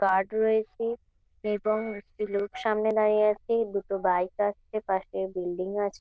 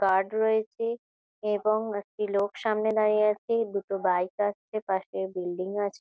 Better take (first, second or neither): second